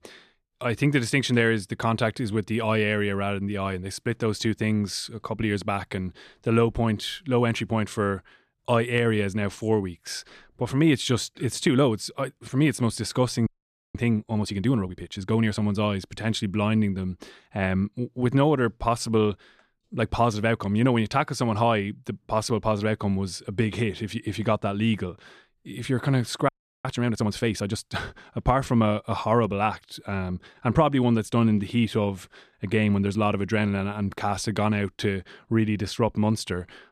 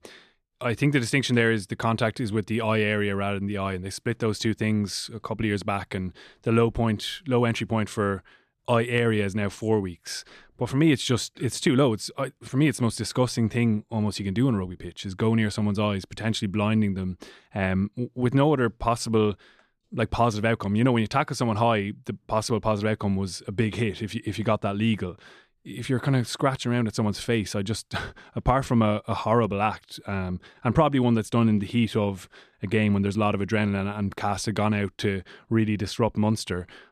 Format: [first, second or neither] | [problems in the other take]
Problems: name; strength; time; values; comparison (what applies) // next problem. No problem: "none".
second | audio freezing; at 13 s and at 26 s